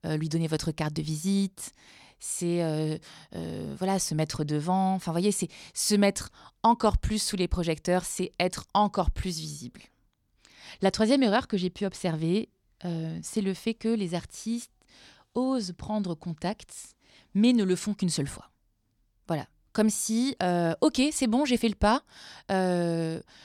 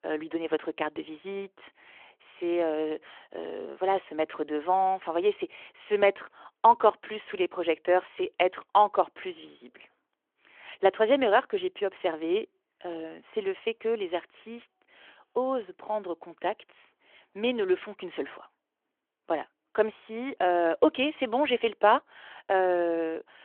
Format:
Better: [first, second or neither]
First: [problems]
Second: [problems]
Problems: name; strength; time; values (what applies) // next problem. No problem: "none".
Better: first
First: none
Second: phone-call audio